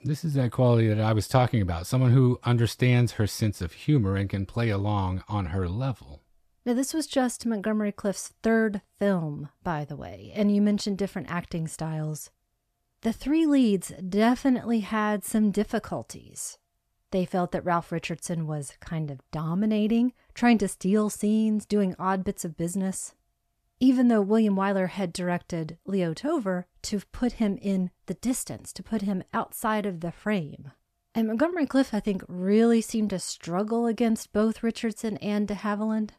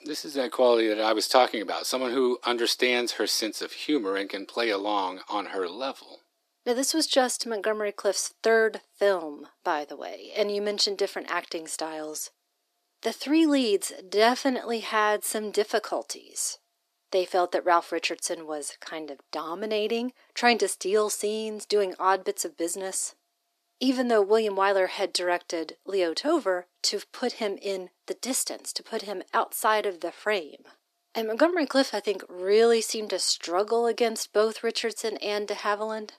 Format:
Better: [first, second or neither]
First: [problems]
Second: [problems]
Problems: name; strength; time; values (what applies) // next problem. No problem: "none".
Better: first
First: none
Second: thin; very; fading below 300 Hz